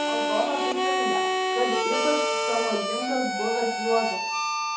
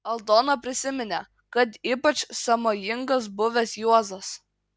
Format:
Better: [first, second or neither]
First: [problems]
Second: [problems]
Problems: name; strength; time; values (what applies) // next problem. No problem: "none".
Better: second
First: background sound (Harmonica); 3 dB above the speech // room echo; dies away in 2.6 s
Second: none